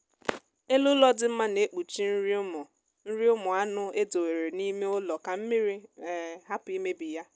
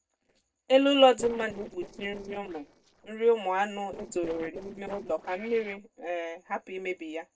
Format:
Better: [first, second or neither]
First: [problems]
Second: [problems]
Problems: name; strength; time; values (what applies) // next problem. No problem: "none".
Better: first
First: none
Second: noise reduction (neural separator model SepFormer DNS4)